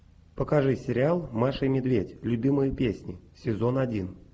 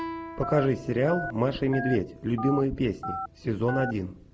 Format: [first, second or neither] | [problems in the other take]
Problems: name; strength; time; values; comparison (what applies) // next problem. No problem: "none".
first | background sound (Telephone + Guitar); 9 dB below the speech